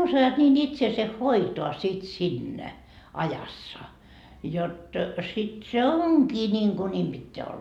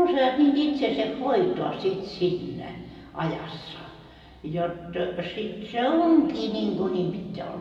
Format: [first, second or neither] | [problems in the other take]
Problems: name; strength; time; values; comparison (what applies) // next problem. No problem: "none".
first | room echo; dies away in 1.7 s